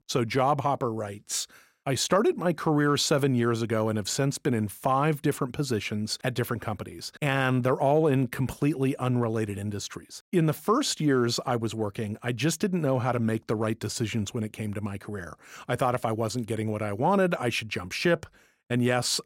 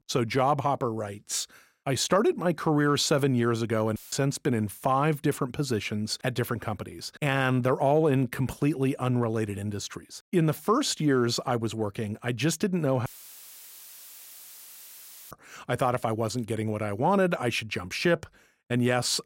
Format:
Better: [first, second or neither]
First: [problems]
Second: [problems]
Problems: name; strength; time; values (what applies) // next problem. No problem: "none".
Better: first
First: none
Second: audio cutting out; filled with static; at 4 s and at 13 s for 2.5 s